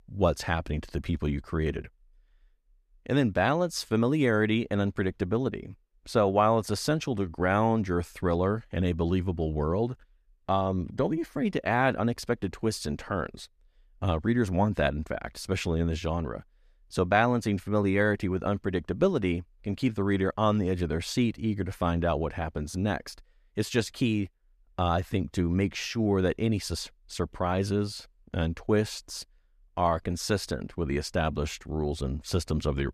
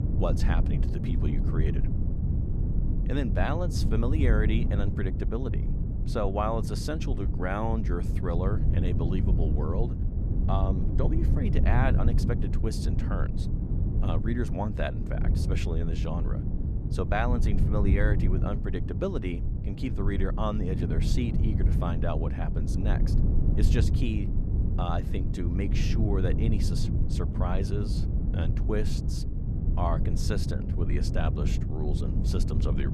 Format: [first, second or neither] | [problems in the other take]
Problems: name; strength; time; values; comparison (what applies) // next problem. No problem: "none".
first | low rumble; loud; throughout; 6 dB below the speech